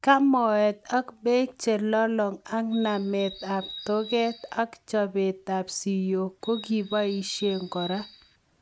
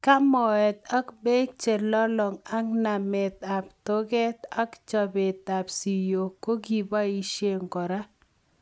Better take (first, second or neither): second